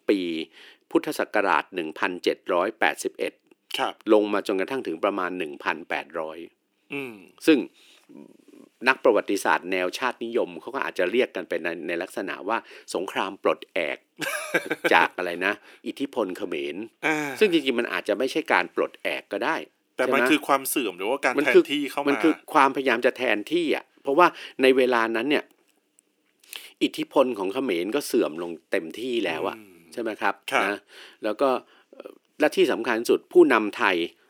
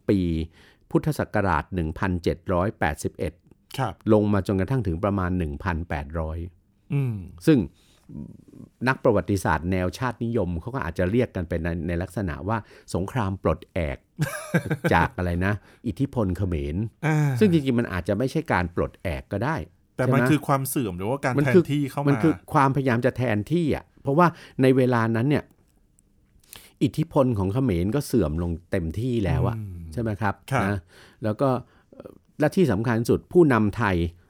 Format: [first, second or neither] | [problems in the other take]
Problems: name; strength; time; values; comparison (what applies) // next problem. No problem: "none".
second | thin; somewhat; fading below 300 Hz